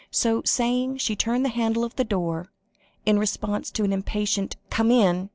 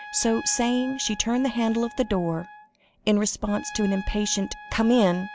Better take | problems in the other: first | background sound (Trumpet); 16 dB below the speech

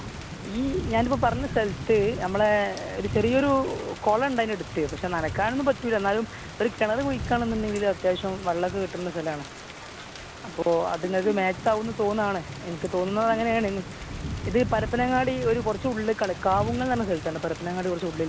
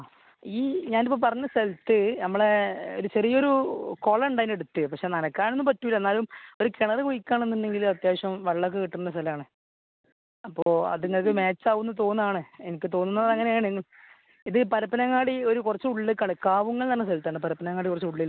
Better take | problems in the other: second | background sound (Thunder / Rain); 10 dB below the speech

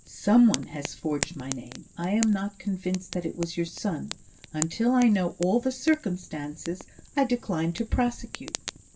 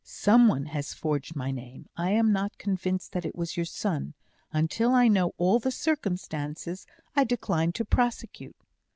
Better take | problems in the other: second | background sound (Fire); 13 dB below the speech // room echo; dies away in 0.2 s

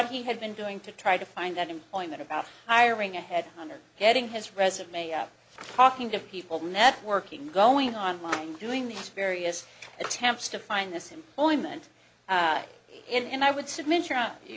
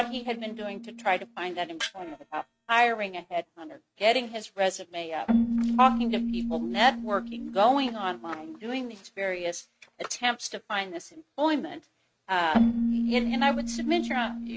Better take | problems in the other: first | noise reduction (neural mask model RNNoise)

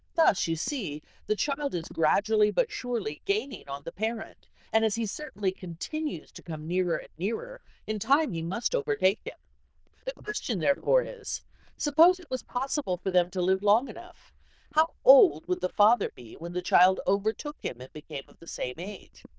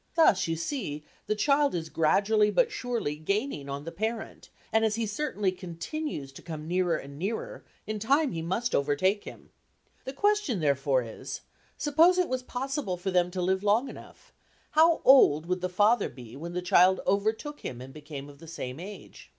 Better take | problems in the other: second | noise reduction (neural diffusion model UNIVERSE++)

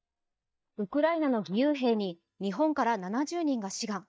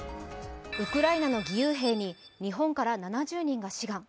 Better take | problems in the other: second | noise reduction (neural mask model DeepFilterNet 3)

